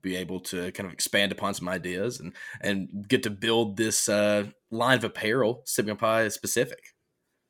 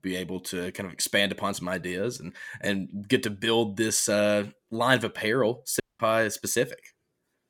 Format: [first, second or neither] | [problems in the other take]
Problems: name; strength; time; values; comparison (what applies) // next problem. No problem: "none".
first | audio cutting out; at 6 s